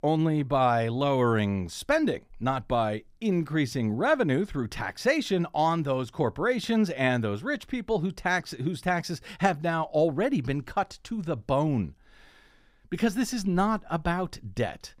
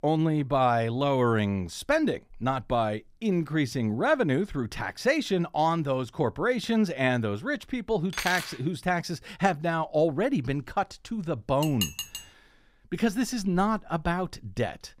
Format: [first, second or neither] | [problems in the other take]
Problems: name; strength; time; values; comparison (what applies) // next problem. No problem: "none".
first | clattering dishes; noticeable; at 8 s and at 12 s; peak 4 dB below the speech